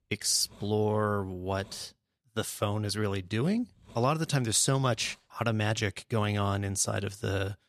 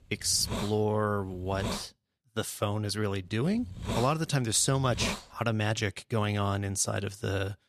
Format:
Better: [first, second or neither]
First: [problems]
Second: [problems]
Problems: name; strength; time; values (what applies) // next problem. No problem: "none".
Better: first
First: hiss; faint; until 2 s and from 3 to 5.5 s; 30 dB below the speech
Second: hiss; loud; until 2 s and from 3 to 5.5 s; 8 dB below the speech